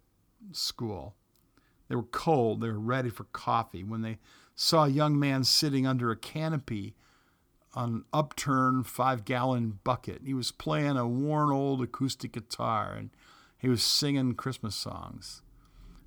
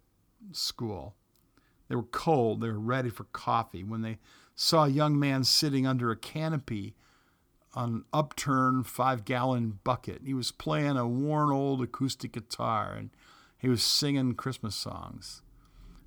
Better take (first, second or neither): neither